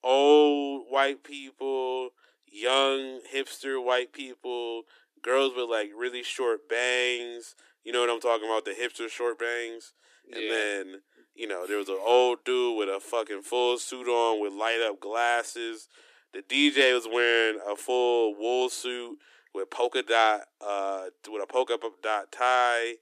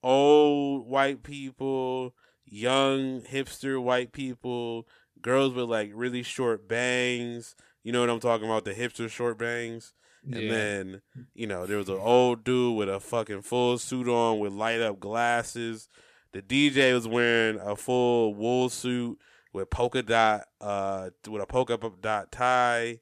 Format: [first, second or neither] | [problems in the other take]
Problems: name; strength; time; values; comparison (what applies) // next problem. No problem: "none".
second | thin; very slightly; fading below 300 Hz